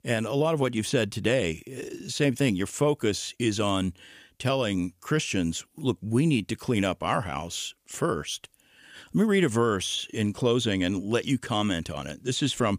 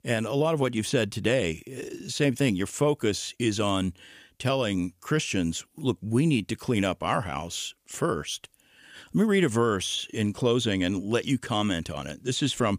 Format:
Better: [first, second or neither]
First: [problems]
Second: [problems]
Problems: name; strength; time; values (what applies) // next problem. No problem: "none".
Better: neither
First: none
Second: none